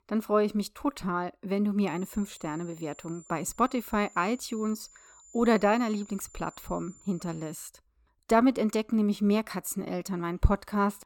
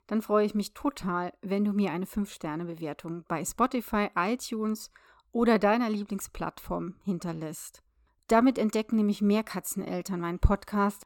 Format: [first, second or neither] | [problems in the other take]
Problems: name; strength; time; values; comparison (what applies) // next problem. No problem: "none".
second | high-pitched whine; faint; from 2 to 7.5 s; 7 kHz, 25 dB below the speech